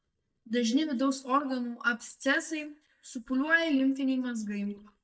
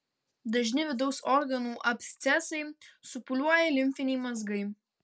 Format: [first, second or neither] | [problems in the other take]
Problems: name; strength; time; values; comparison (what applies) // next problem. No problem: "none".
second | noise reduction (neural mask model DeepFilterNet 3)